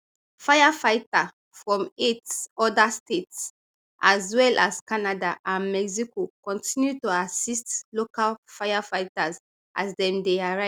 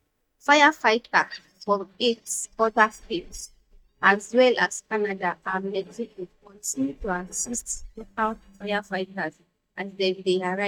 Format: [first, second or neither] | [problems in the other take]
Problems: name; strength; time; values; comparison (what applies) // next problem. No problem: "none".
first | noise reduction (neural mask model DeepFilterNet 3)